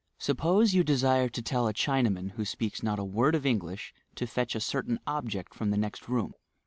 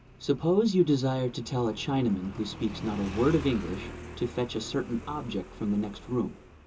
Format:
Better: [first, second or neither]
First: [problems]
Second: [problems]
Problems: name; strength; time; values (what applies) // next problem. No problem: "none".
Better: first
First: none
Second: background sound (Motorcycle); 13 dB below the speech // room echo; dies away in 0.2 s